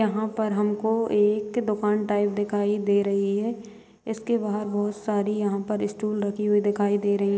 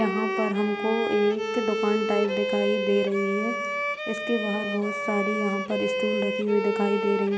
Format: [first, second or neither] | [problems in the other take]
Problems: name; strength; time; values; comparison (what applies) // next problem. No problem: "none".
first | background sound (Bowed string instrument); 2 dB below the speech